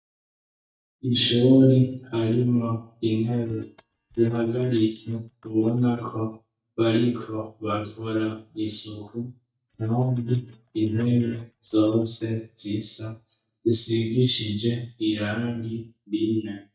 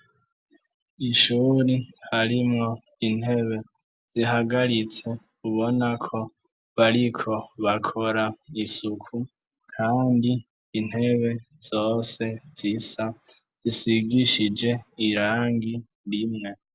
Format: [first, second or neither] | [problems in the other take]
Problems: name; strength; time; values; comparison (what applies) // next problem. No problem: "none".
second | noise reduction (neural mask model DeepFilterNet 3)